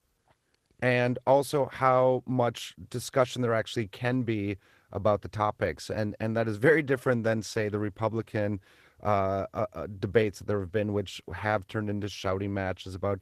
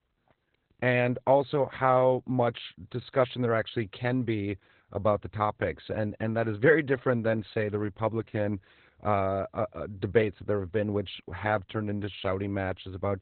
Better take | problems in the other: first | garbled, watery; badly; nothing above 4 kHz; slightly in the first

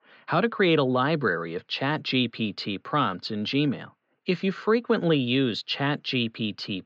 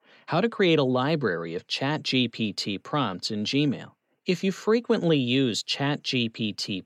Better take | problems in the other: second | muffled; very slightly; fading above 4.5 kHz

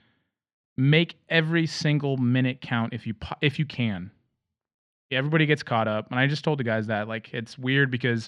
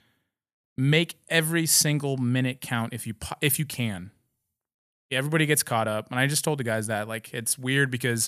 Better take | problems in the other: second | muffled; slightly; fading above 4 kHz

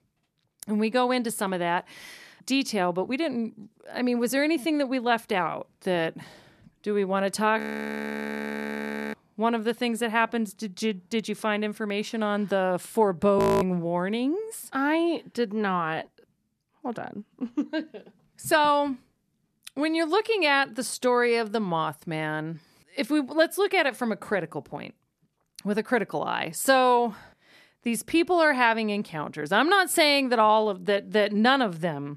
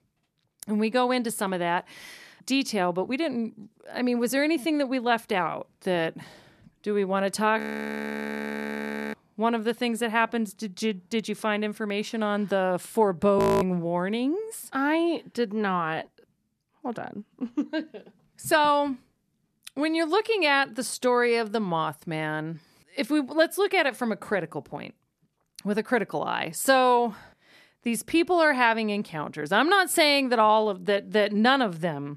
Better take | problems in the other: neither | audio freezing; at 7.5 s for 1.5 s and at 13 s; the same in both

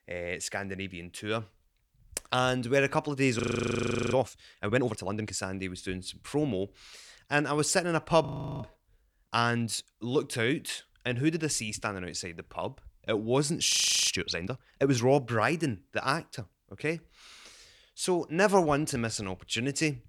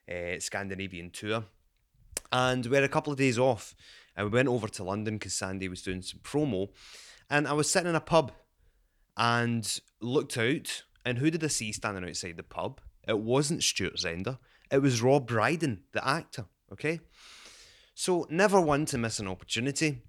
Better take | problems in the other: second | audio freezing; at 3.5 s for 0.5 s, at 8.5 s and at 14 s

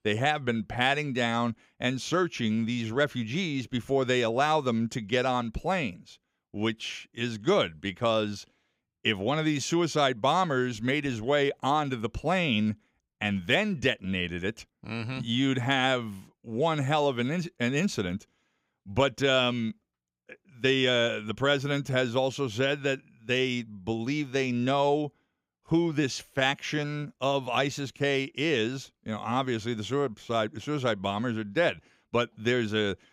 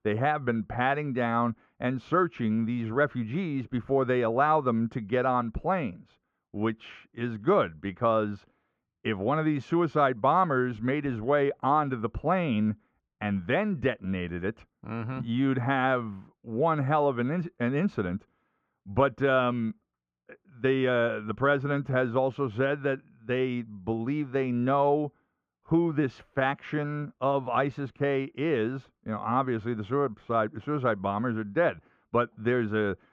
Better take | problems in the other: first | muffled; very; fading above 3.5 kHz

